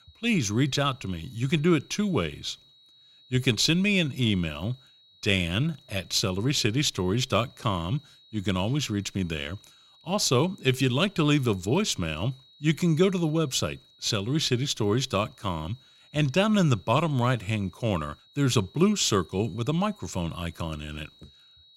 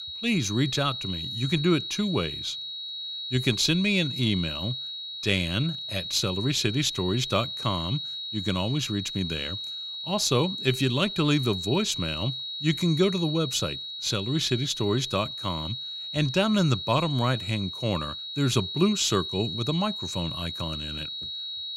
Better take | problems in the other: first | high-pitched whine; loud; throughout; 4 kHz, 5 dB below the speech; faint in the first

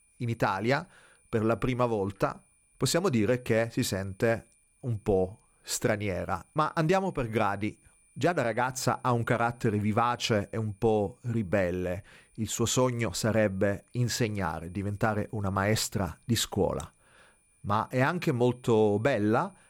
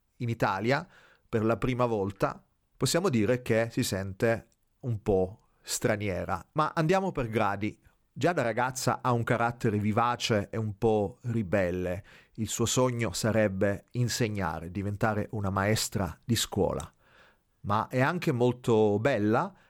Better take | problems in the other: second | high-pitched whine; faint; throughout; 9.5 kHz, 35 dB below the speech

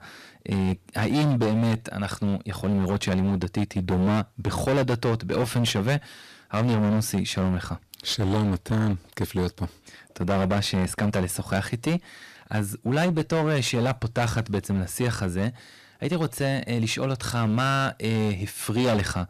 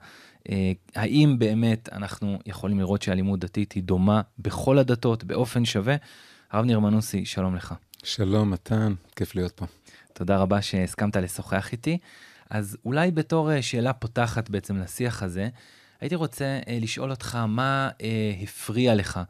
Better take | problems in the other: second | distortion; heavy; 19% of the sound clipped

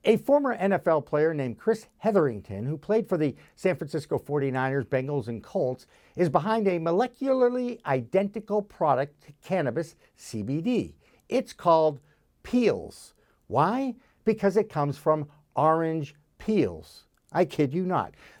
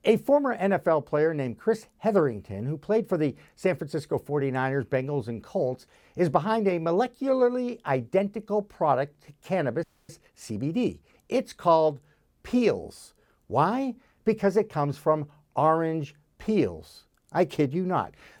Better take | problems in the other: first | audio freezing; at 10 s

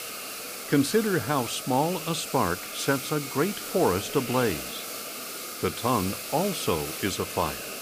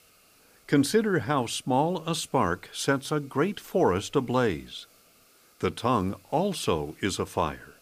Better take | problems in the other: second | hiss; loud; throughout; 6 dB below the speech; faint in the second

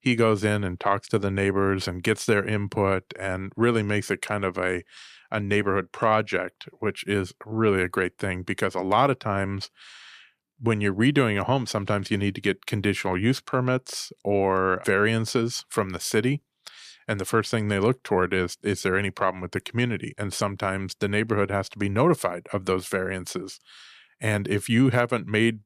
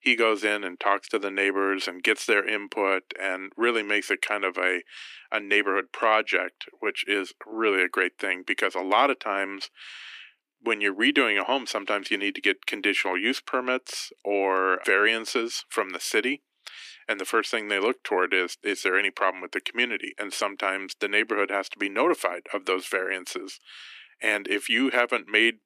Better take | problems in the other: first | thin; somewhat; fading below 300 Hz

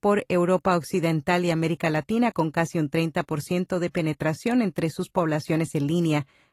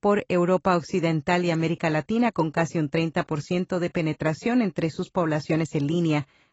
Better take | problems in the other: first | garbled, watery; badly; nothing above 7.5 kHz; slightly in the first

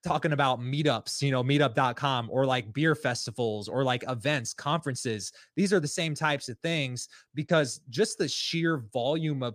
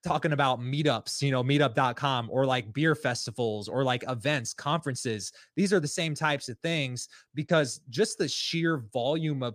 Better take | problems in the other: neither | none

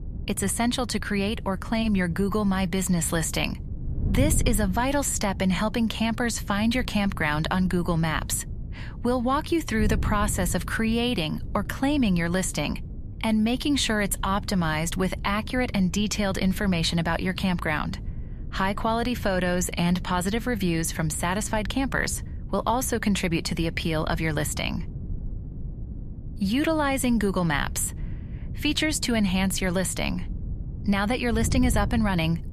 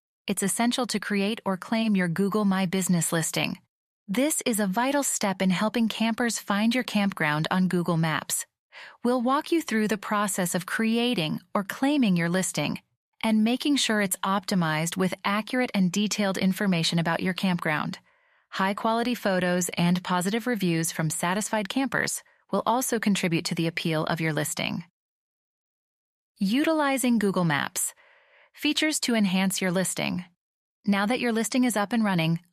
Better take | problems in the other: second | wind noise on the microphone; occasional gusts; 20 dB below the speech

